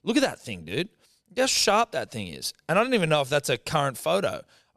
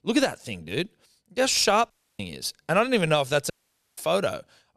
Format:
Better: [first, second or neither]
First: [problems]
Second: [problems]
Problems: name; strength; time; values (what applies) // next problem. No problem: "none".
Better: first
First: none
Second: audio cutting out; at 2 s and at 3.5 s